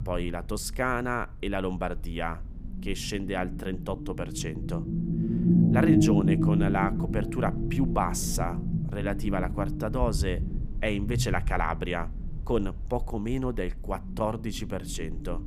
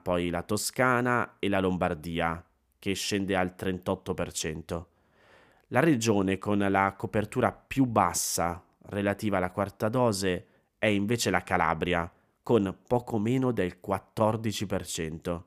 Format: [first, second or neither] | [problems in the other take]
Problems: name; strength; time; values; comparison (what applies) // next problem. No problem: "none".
second | low rumble; loud; throughout; 3 dB below the speech